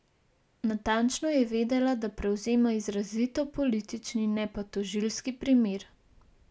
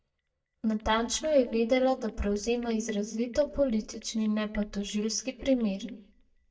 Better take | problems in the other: first | noise reduction (neural mask model DeepFilterNet 3)

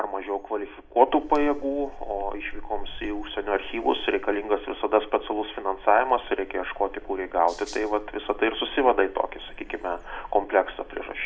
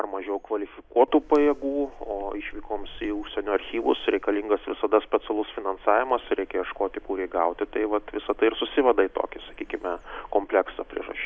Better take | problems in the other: second | background sound (Rattle (instrument)); 20 dB below the speech // room echo; dies away in 0.3 s

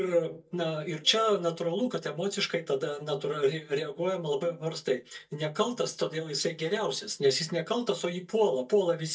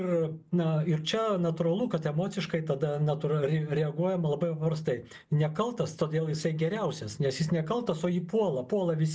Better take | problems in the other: second | noise reduction (neural mask model DeepFilterNet 3)

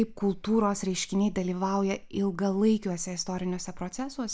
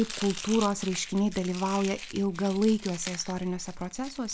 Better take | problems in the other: first | background sound (Domestic sounds, home sounds); 14 dB below the speech

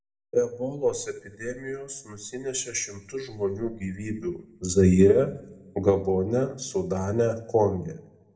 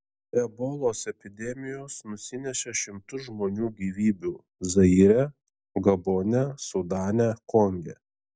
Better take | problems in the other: second | room echo; dies away in 0.5 s

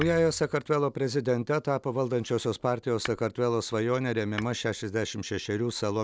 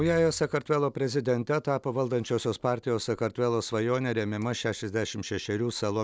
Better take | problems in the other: second | background sound (Tap / Hammer); 17 dB below the speech

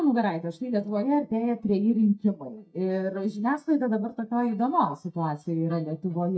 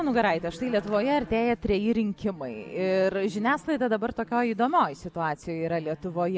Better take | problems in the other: second | noise reduction (neural mask model DeepFilterNet 3)

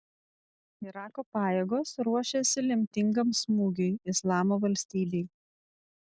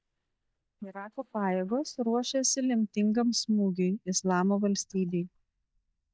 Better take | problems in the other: first | noise reduction (neural mask model DeepFilterNet 3)

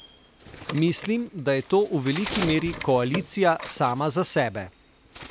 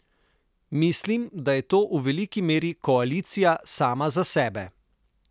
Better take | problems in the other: second | background sound (Bird); 13 dB below the speech

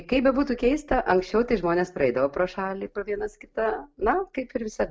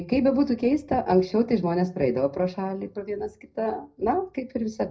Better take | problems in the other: first | room echo; dies away in 0.4 s

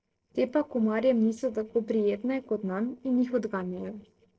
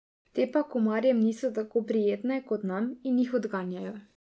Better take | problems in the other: second | noise reduction (neural separator model SepFormer DNS4)

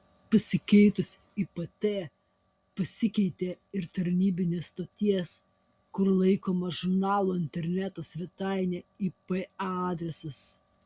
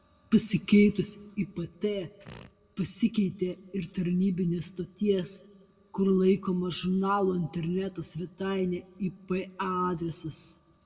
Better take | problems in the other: first | background sound (Fart); 20 dB below the speech // room echo; dies away in 1 s

